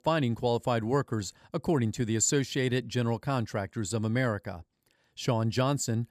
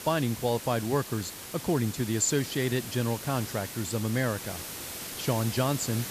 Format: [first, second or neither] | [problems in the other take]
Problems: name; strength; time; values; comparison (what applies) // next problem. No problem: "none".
first | hiss; loud; throughout; 8 dB below the speech